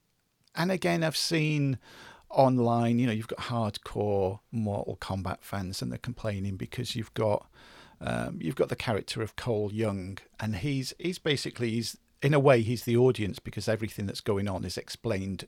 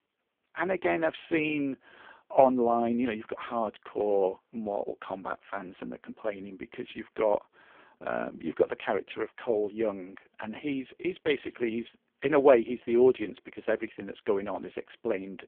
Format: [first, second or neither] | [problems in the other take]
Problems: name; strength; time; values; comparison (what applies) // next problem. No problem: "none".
first | phone-call audio; poor line